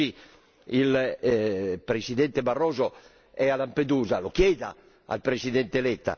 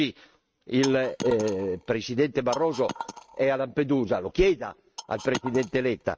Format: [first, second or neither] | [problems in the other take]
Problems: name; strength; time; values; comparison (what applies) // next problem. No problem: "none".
first | noise reduction (neural mask model RNNoise)